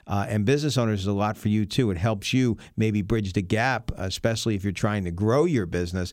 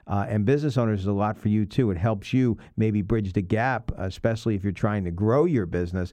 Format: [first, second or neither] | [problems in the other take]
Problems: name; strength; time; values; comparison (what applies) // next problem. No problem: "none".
first | muffled; slightly; fading above 2.5 kHz